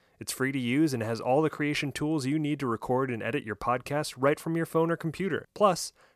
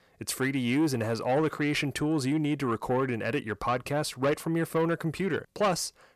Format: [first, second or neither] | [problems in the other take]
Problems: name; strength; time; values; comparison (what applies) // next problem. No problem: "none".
first | distortion; slight; 10 dB below the speech